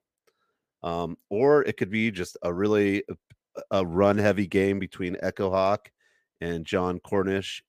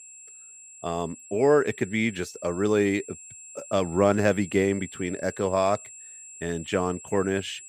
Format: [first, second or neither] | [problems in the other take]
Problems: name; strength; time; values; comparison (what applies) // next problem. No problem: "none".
first | high-pitched whine; noticeable; throughout; 7.5 kHz, 15 dB below the speech